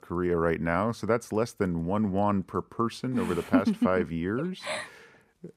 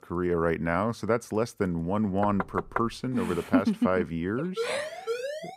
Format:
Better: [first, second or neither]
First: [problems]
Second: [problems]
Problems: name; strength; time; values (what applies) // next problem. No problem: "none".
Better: first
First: none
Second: door banging; noticeable; at 2 s; peak 5 dB below the speech // siren; noticeable; at 4.5 s; peak 5 dB below the speech